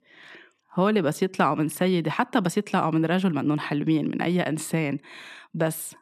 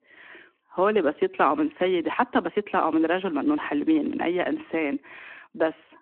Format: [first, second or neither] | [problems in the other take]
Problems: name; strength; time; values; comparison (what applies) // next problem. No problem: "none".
first | phone-call audio